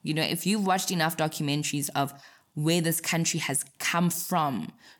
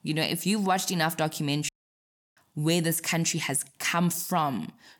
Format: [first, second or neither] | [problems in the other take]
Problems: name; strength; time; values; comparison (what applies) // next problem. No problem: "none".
first | audio cutting out; at 1.5 s for 0.5 s